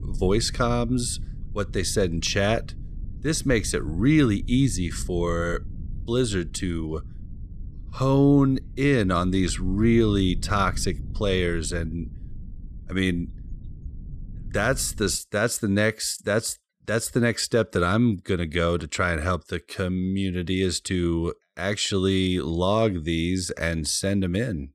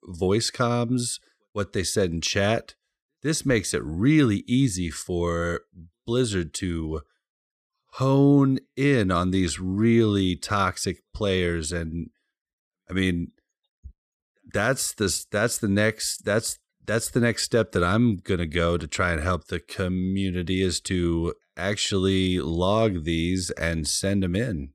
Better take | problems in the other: second | low rumble; faint; until 15 s; 25 dB below the speech

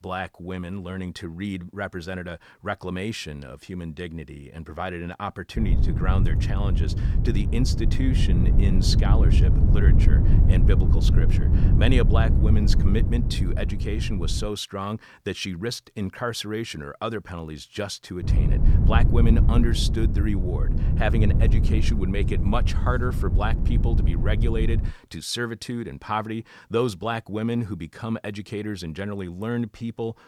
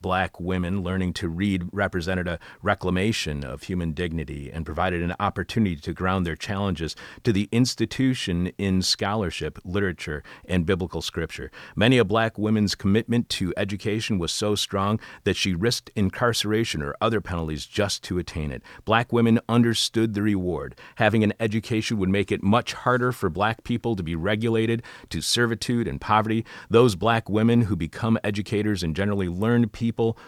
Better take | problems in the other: second | wind noise on the microphone; heavy; from 5.5 to 14 s and from 18 to 25 s; 5 dB below the speech

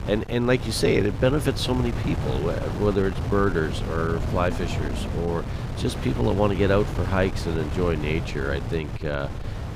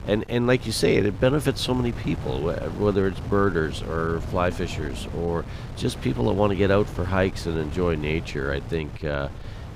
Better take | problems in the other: second | wind noise on the microphone; heavy; 9 dB below the speech; occasional gusts in the second

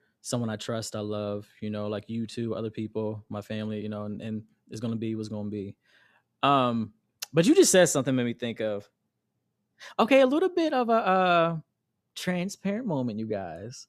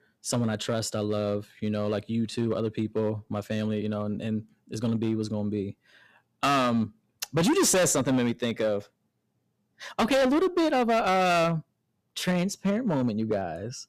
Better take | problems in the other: first | distortion; heavy; 9% of the sound clipped

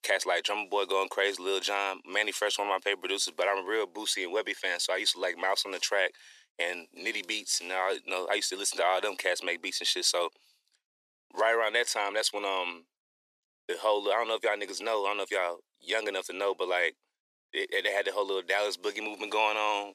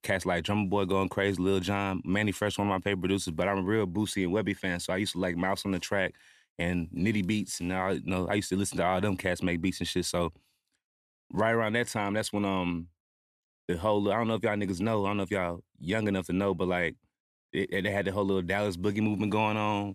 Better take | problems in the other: second | thin; very; fading below 400 Hz

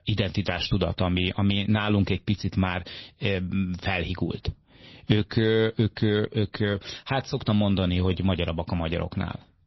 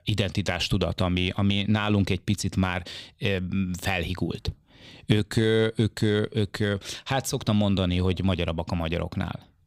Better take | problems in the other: second | garbled, watery; slightly; nothing above 5.5 kHz

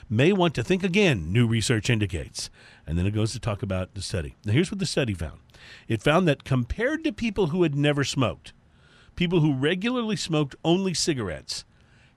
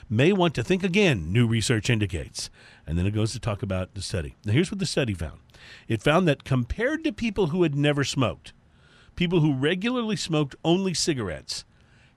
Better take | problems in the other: neither | none

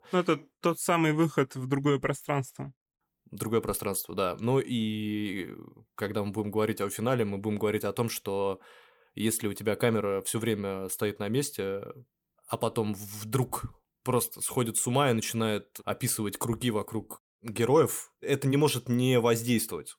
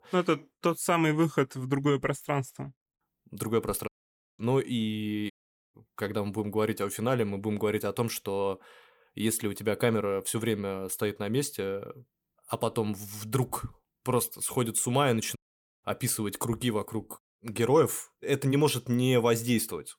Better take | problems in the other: first | audio cutting out; at 4 s for 0.5 s, at 5.5 s and at 15 s

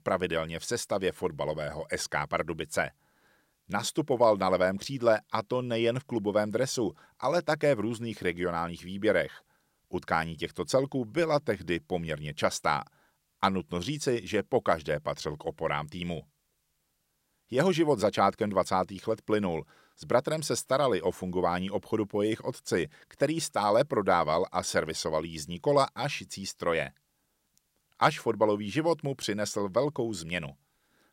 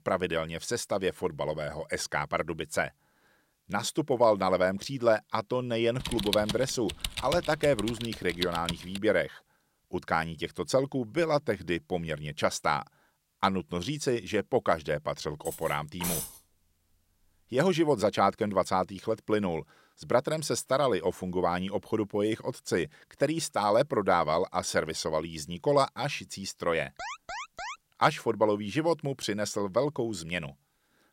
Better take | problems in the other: first | keyboard typing; noticeable; from 6 to 9 s; peak 2 dB below the speech // clattering dishes; noticeable; at 15 s; peak 3 dB below the speech // alarm; noticeable; at 27 s; peak 8 dB below the speech

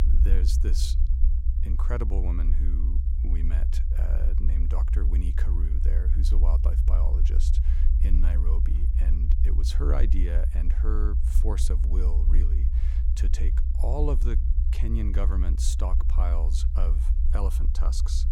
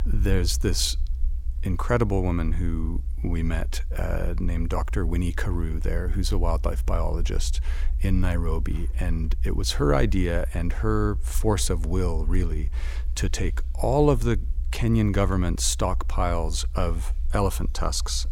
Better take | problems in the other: second | low rumble; loud; throughout; 5 dB below the speech; faint in the second

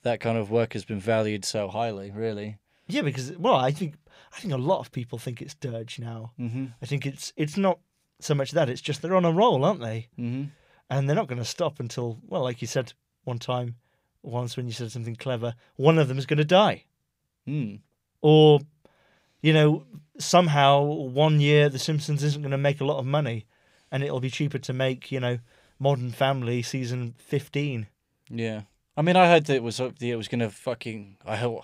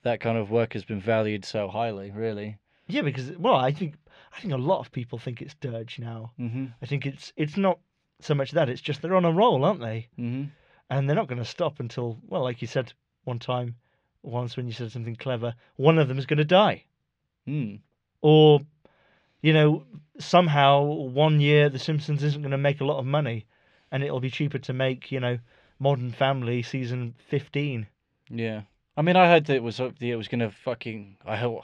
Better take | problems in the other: first | muffled; very slightly; fading above 3 kHz

